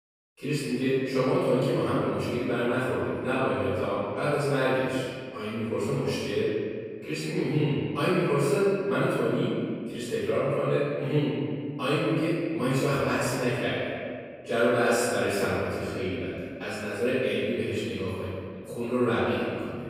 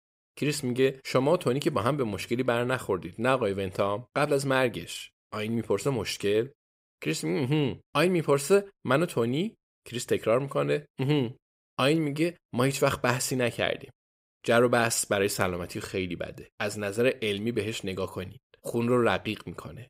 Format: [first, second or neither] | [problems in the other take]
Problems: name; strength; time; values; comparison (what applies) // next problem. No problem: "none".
second | room echo; strong; dies away in 1.9 s // off-mic speech; far